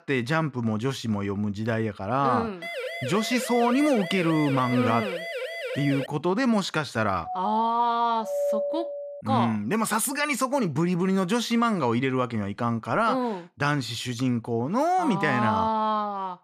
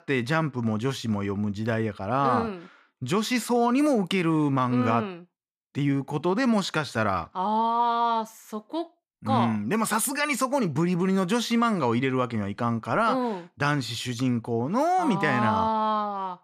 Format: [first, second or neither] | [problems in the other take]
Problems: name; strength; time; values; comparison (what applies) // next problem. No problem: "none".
second | siren; noticeable; from 2.5 to 6 s; peak 6 dB below the speech // doorbell; noticeable; from 7.5 to 9 s; peak 1 dB below the speech